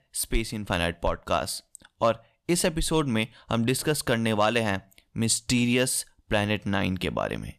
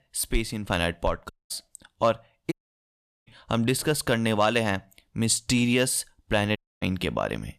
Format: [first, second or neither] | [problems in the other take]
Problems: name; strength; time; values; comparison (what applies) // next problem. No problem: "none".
first | audio cutting out; at 1.5 s, at 2.5 s for 0.5 s and at 6.5 s